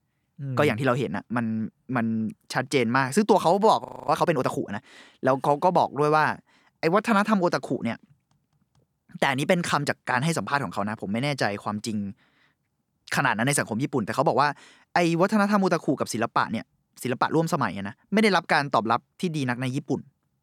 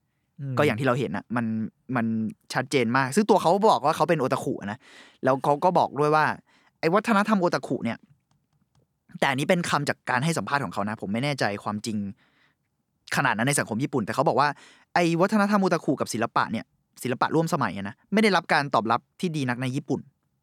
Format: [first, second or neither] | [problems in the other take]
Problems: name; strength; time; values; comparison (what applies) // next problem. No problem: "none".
second | audio freezing; at 4 s